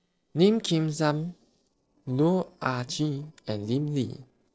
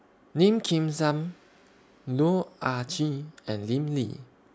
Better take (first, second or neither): second